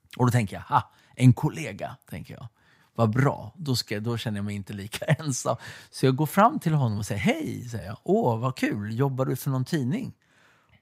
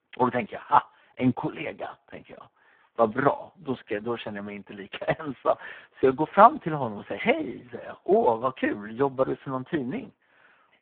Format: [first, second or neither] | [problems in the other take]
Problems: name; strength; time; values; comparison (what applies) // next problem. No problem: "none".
first | phone-call audio; poor line